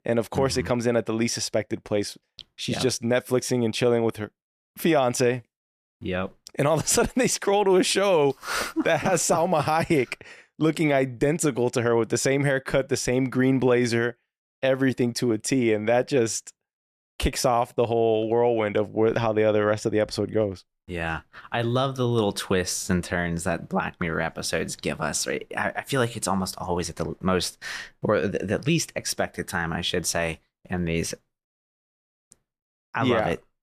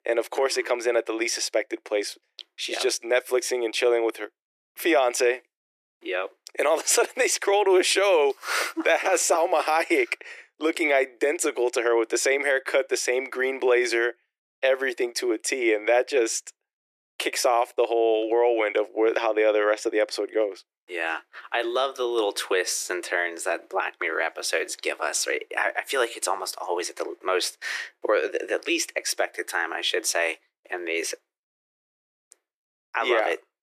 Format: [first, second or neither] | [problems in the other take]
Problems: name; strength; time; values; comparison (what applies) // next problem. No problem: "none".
first | thin; very; fading below 350 Hz